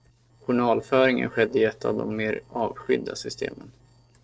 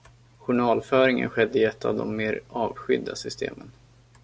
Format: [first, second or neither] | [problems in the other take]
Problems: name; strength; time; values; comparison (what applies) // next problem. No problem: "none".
second | noise reduction (neural separator model SepFormer DNS4)